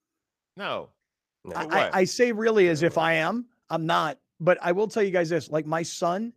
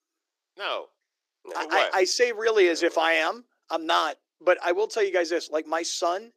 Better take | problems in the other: first | thin; very; fading below 350 Hz

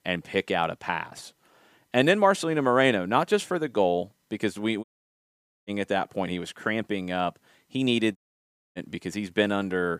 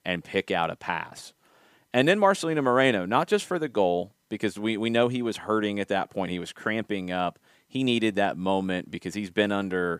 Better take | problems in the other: second | audio cutting out; at 5 s for 1 s and at 8 s for 0.5 s

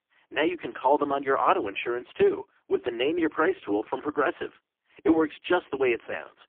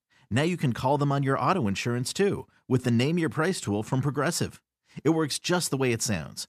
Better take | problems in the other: second | phone-call audio; poor line; nothing above 3 kHz

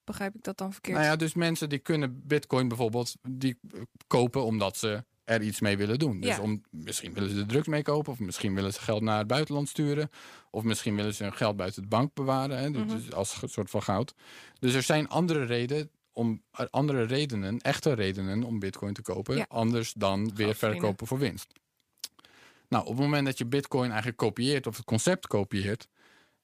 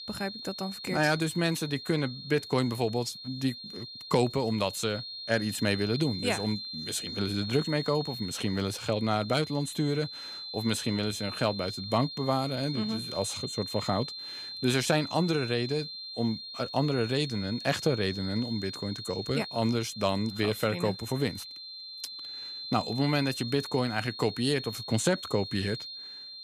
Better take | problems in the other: first | high-pitched whine; loud; throughout; 4 kHz, 8 dB below the speech

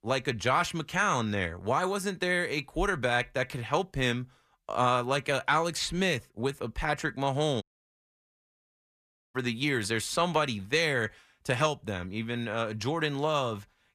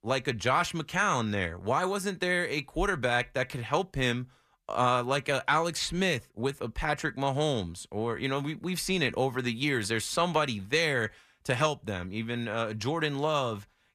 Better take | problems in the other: second | audio cutting out; at 7.5 s for 1.5 s

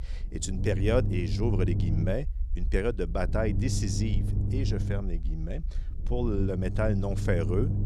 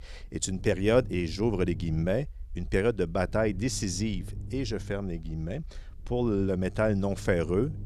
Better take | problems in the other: second | low rumble; loud; throughout; 10 dB below the speech; faint in the second

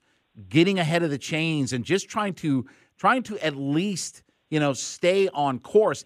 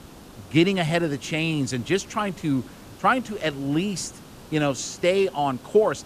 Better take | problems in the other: first | hiss; faint; throughout; 20 dB below the speech

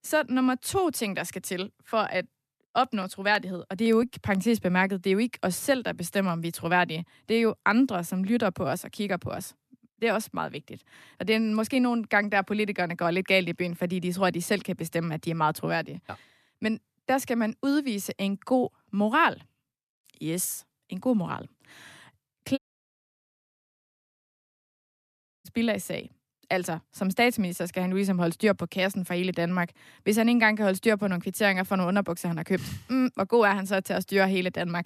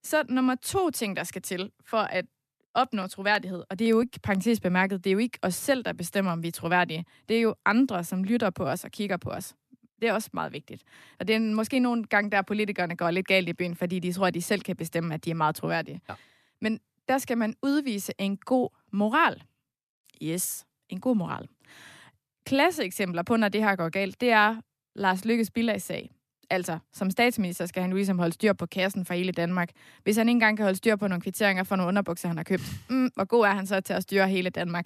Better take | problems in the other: second | audio cutting out; at 23 s for 3 s

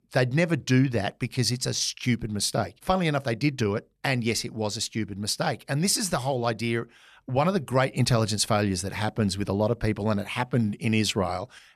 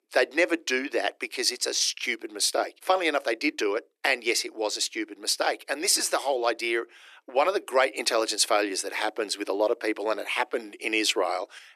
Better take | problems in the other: first | thin; very; fading below 300 Hz

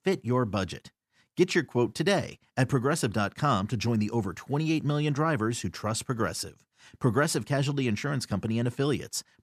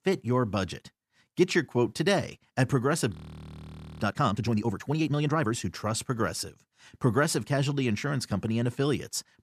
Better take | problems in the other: first | audio freezing; at 3 s for 1 s

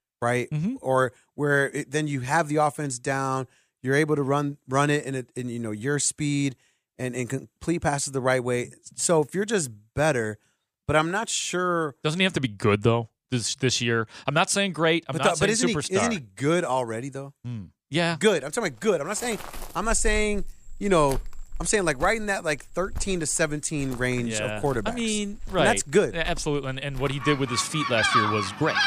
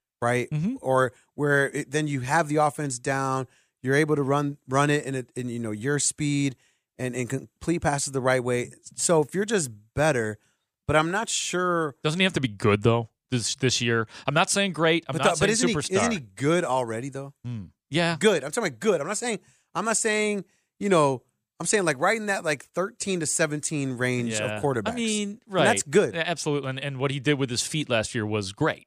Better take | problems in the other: second | animal sounds; loud; from 19 s on; 7 dB below the speech

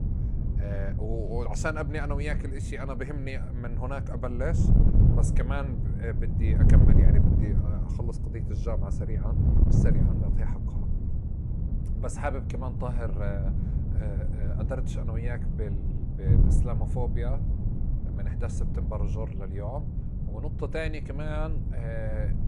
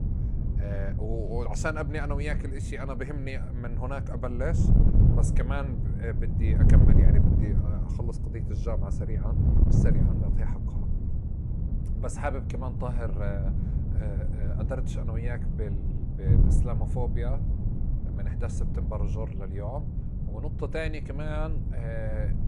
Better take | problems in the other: neither | wind noise on the microphone; heavy; 3 dB below the speech; the same in both

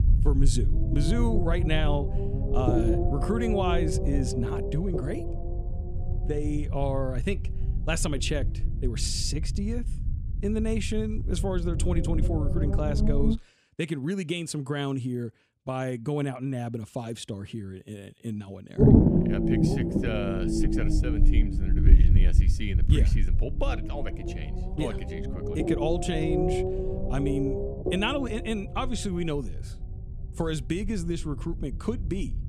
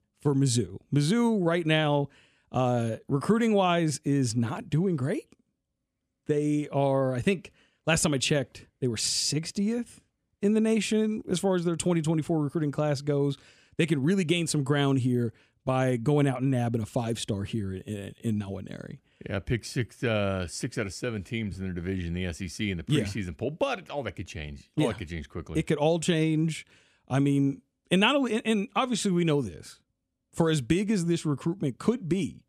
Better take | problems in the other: second | low rumble; loud; until 13 s and from 19 s on; as loud as the speech

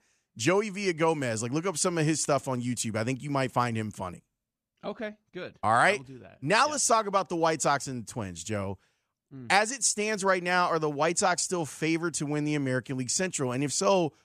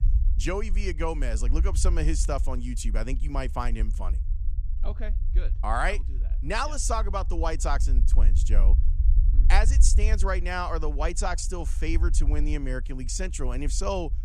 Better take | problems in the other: first | low rumble; noticeable; throughout; 20 dB below the speech

